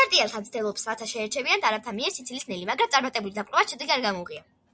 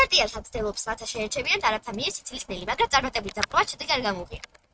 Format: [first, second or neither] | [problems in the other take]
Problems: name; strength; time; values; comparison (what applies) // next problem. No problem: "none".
first | noise reduction (neural mask model RNNoise)